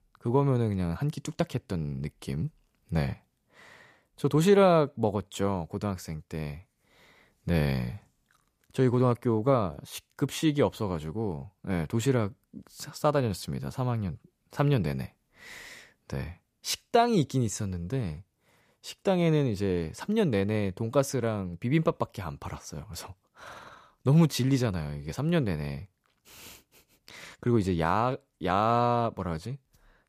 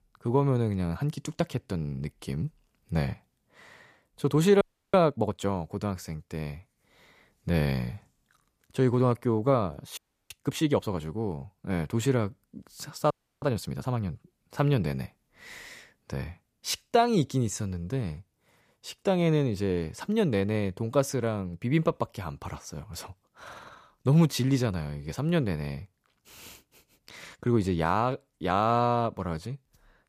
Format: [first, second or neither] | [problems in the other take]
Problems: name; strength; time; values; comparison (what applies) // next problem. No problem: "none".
first | audio freezing; at 4.5 s, at 10 s and at 13 s